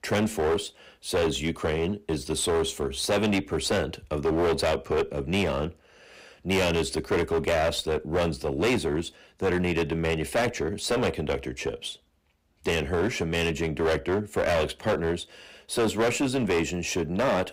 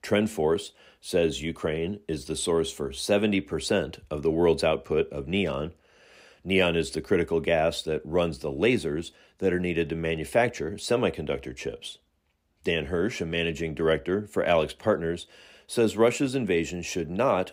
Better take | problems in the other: second | distortion; heavy; 15% of the sound clipped

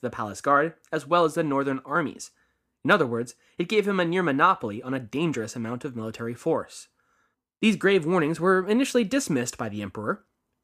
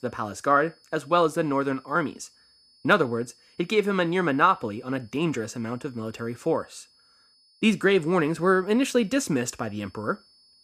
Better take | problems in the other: first | high-pitched whine; faint; throughout; 5 kHz, 30 dB below the speech

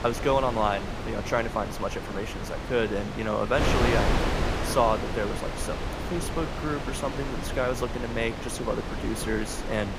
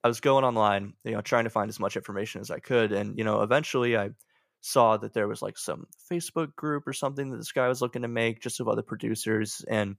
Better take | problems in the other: second | wind noise on the microphone; heavy; 4 dB below the speech

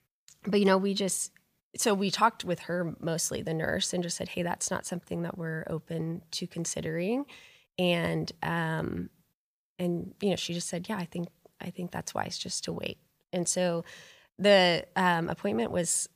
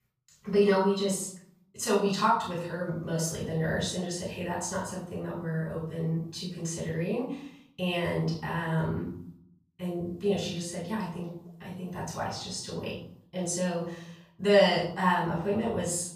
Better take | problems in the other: first | off-mic speech; far // room echo; noticeable; dies away in 0.6 s

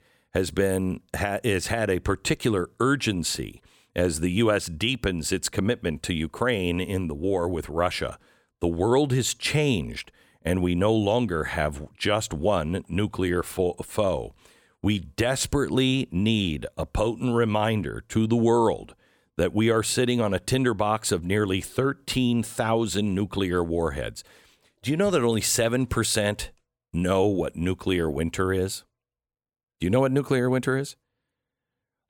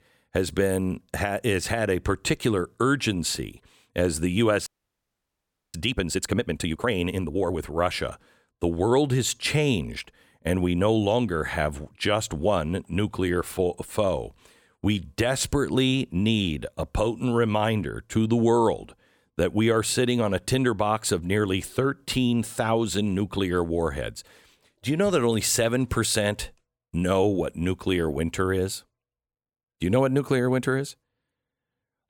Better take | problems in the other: first | audio freezing; at 4.5 s for 1 s

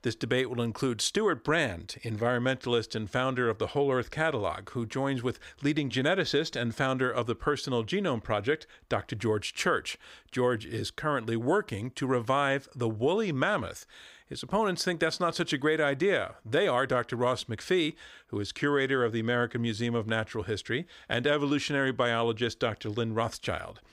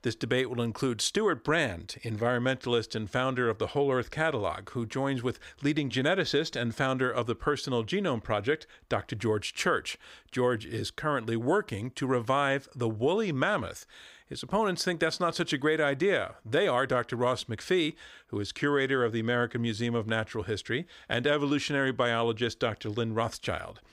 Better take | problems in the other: neither | none

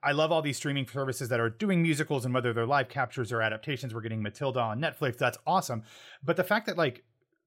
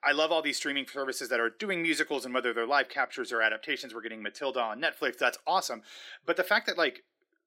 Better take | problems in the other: first | thin; somewhat; fading below 250 Hz

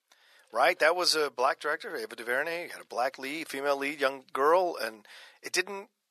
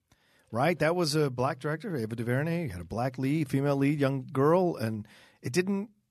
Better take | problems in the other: second | thin; very; fading below 500 Hz

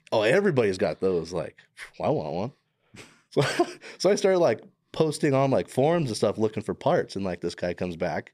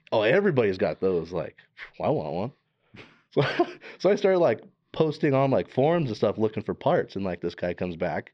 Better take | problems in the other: first | muffled; slightly; fading above 4 kHz

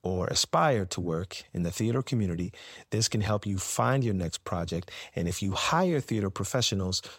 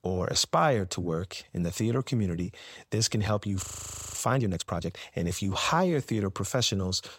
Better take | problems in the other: first | audio freezing; at 3.5 s for 0.5 s

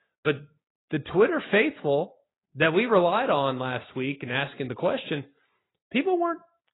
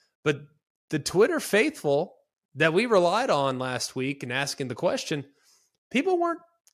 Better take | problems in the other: second | garbled, watery; badly; nothing above 4 kHz

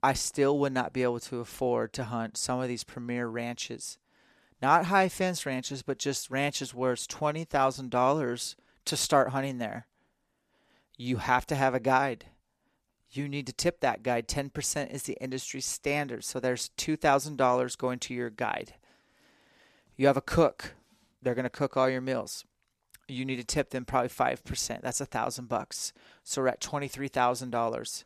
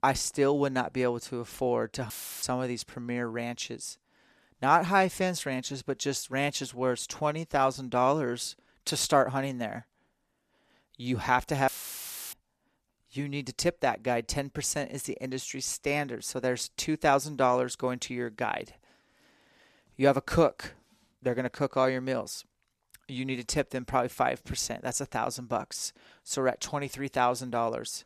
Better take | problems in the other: first | audio cutting out; filled with static; at 2 s and at 12 s for 0.5 s

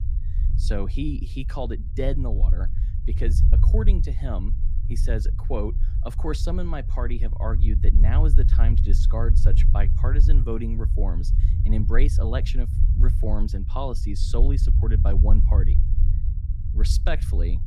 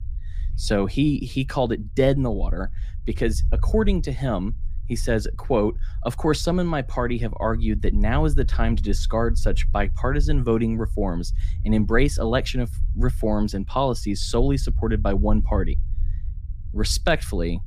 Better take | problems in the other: second | low rumble; loud; throughout; 8 dB below the speech; faint in the second

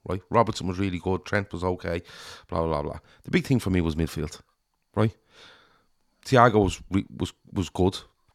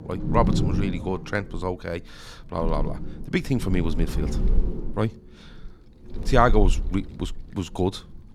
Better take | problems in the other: first | wind noise on the microphone; occasional gusts; 10 dB below the speech

